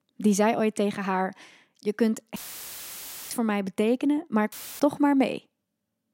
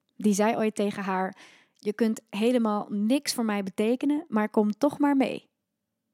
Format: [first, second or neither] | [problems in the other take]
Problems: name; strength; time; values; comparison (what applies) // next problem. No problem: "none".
second | audio cutting out; filled with static; at 2.5 s for 1 s and at 4.5 s